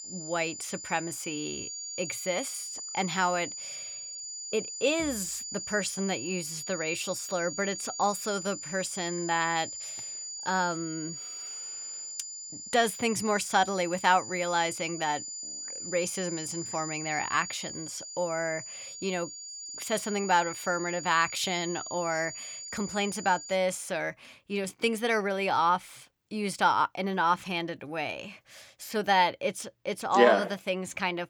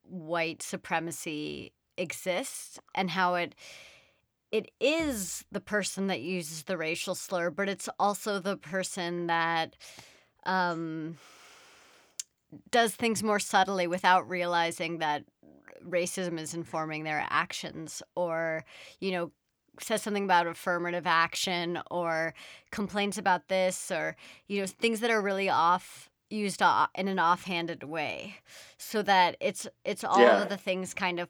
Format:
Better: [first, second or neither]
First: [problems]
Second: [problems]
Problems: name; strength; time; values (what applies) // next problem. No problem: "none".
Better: second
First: high-pitched whine; loud; until 24 s; 7 kHz, 7 dB below the speech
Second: none